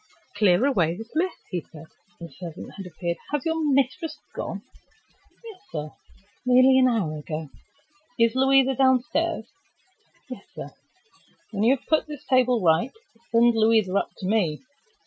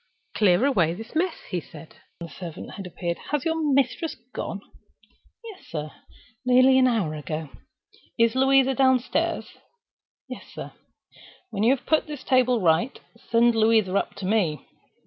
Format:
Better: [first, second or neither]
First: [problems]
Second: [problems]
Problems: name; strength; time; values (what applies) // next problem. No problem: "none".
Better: second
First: noise reduction (classical method Wiener filter)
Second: none